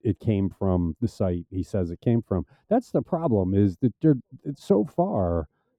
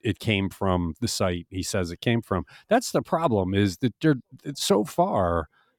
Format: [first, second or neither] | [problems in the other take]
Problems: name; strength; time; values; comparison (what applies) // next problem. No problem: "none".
second | muffled; very; fading above 1 kHz